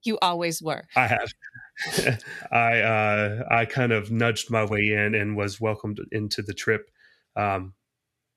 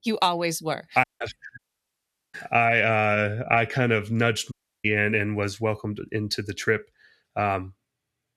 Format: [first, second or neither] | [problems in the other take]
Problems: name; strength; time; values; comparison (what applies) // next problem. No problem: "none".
first | audio cutting out; at 1 s, at 1.5 s for 1 s and at 4.5 s